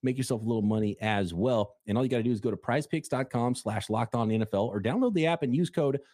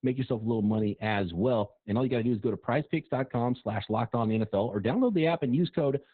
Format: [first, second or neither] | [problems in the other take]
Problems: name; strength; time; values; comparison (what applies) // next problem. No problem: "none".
first | garbled, watery; badly; nothing above 4 kHz